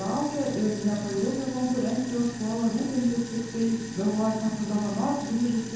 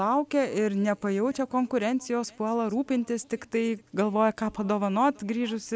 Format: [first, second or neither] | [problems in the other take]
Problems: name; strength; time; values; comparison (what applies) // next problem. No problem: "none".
second | background sound (Sink (filling or washing)); 11 dB below the speech // room echo; dies away in 0.9 s